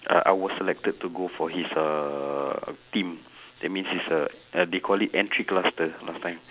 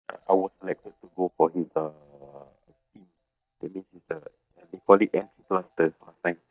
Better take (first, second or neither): first